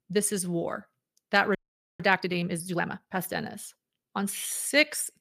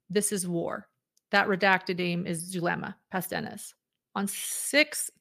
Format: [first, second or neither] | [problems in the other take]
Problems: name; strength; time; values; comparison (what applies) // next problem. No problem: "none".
second | audio freezing; at 1.5 s